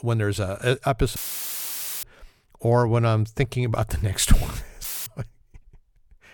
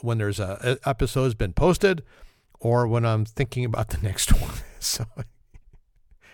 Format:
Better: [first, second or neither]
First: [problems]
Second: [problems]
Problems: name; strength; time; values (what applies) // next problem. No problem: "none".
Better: second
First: audio cutting out; filled with static; at 1 s for 1 s and at 5 s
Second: none